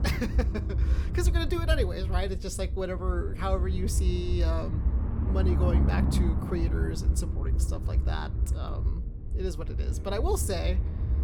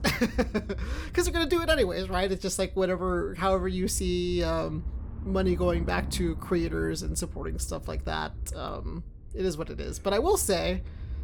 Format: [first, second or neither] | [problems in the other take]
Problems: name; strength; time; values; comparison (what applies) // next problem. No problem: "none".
second | low rumble; loud; throughout; 8 dB below the speech; faint in the second